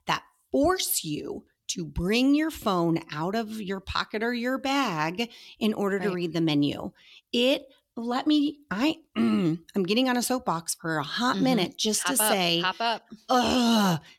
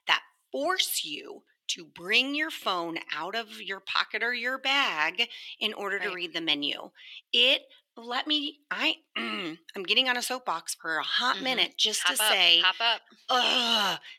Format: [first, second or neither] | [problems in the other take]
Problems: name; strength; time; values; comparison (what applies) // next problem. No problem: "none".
first | thin; somewhat; fading below 400 Hz